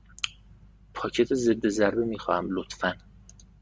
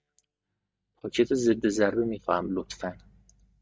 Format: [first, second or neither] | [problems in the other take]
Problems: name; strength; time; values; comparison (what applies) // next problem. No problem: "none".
first | noise reduction (neural mask model DeepFilterNet 3)